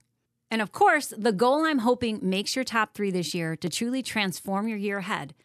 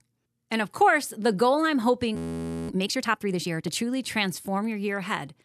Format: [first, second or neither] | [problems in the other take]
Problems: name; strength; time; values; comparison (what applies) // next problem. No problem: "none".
first | audio freezing; at 2 s for 0.5 s